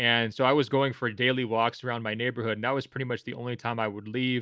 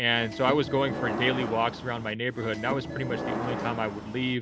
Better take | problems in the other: first | background sound (Subway, metro, underground / Sliding door); 6 dB below the speech

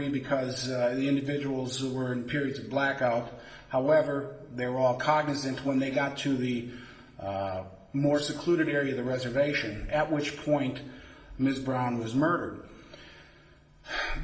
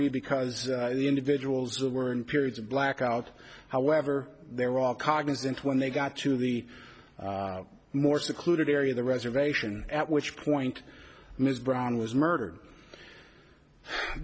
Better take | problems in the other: second | room echo; dies away in 1.9 s

